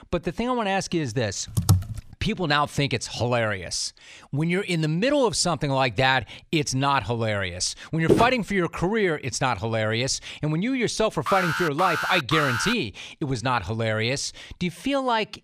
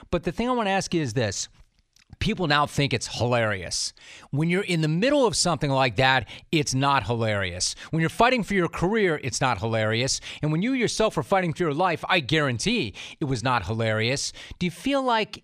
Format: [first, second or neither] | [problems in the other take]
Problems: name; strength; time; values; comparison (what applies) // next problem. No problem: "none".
second | keyboard typing; loud; at 1.5 s; peak 2 dB above the speech // footsteps; loud; at 8 s; peak 2 dB above the speech // alarm; noticeable; from 11 to 13 s; peak 1 dB below the speech